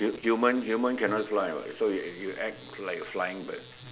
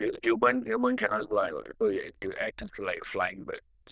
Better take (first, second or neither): first